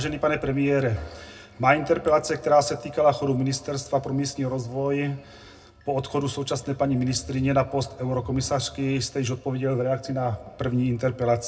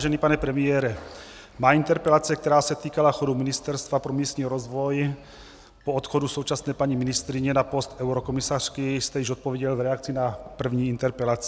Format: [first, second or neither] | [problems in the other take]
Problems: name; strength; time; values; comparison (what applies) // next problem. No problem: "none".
second | room echo; dies away in 0.2 s